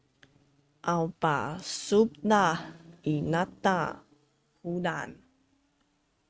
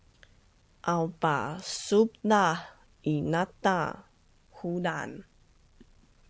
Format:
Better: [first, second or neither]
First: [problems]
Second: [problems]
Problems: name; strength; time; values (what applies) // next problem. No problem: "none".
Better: second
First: noise reduction (neural mask model RNNoise)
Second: none